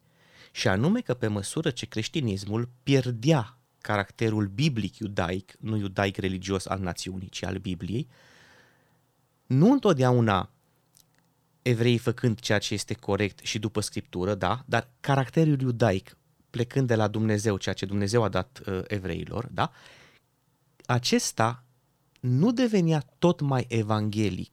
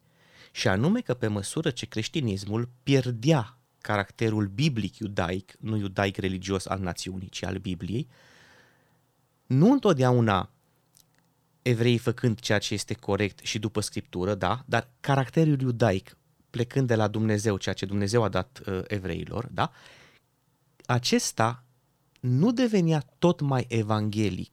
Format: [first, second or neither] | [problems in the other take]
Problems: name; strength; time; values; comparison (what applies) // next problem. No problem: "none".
neither | none